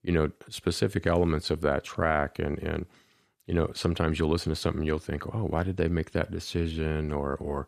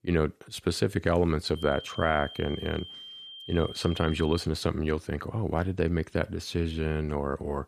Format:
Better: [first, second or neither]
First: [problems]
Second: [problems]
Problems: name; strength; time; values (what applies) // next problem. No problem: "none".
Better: first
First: none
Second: high-pitched whine; noticeable; from 1.5 to 4.5 s; 3 kHz, 15 dB below the speech